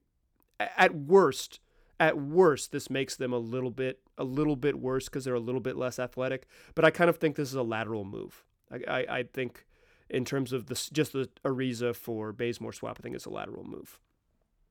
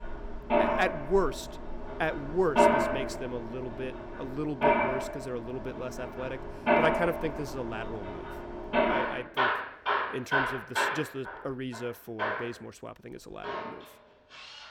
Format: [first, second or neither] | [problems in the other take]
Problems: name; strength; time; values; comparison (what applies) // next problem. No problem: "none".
first | machinery noise; very loud; throughout; 5 dB above the speech